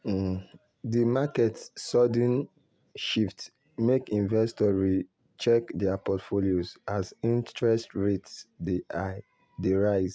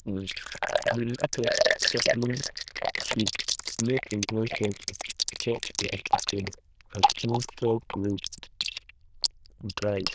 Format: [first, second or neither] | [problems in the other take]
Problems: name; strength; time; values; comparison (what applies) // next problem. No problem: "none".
first | noise reduction (neural diffusion model UNIVERSE++)